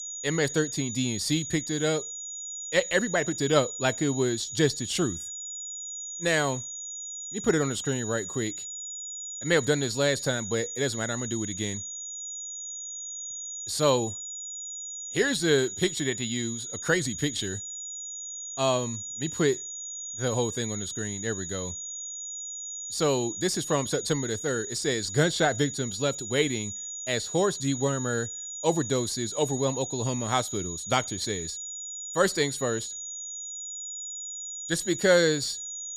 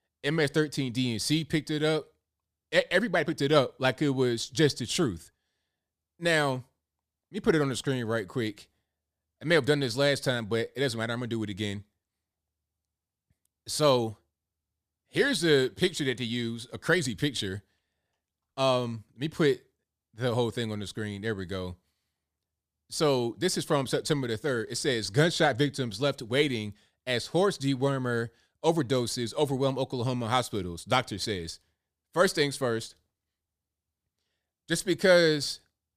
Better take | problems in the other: second | high-pitched whine; loud; throughout; 7 kHz, 6 dB below the speech

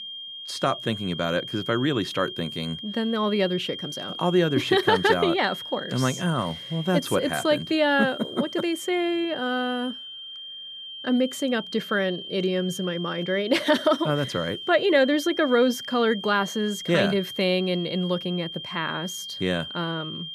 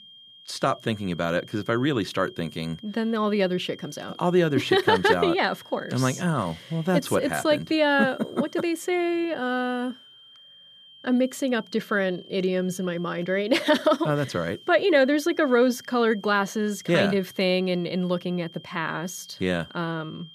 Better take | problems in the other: second | high-pitched whine; loud; throughout; 3 kHz, 10 dB below the speech; faint in the second

